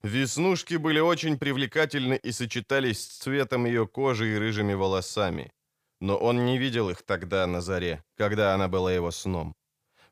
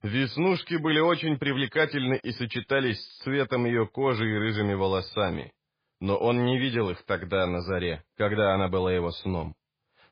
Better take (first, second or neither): first